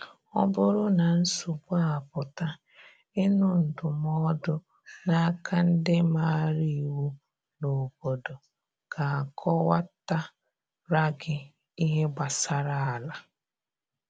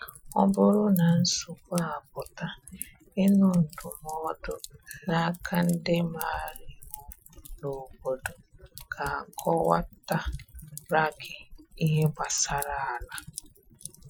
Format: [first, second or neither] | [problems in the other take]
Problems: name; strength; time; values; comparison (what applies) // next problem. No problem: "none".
first | noise reduction (classical method Wiener filter)